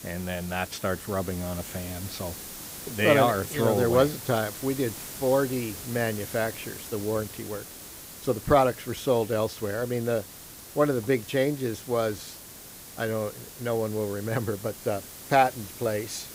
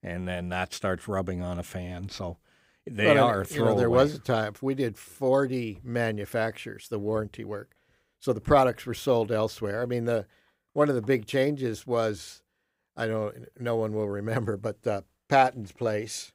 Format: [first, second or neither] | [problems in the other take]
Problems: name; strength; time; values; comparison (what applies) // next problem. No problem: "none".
second | hiss; noticeable; throughout; 10 dB below the speech